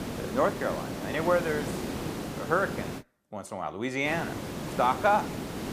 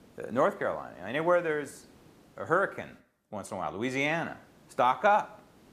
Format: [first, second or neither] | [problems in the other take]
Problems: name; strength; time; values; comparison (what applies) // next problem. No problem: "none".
second | hiss; loud; until 3 s and from 4 s on; 6 dB below the speech; faint in the second